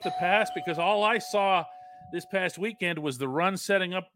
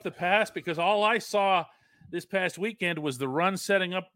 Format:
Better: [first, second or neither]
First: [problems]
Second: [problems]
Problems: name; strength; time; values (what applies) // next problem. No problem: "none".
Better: second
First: doorbell; noticeable; until 2 s; peak 6 dB below the speech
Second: none